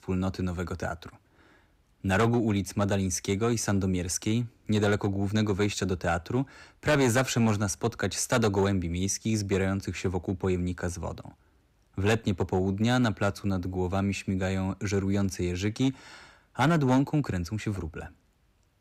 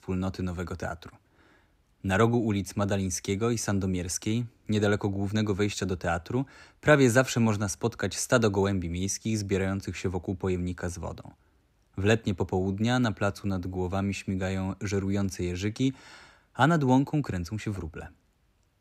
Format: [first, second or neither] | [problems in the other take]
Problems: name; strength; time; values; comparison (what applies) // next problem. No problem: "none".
second | distortion; slight; 3% of the sound clipped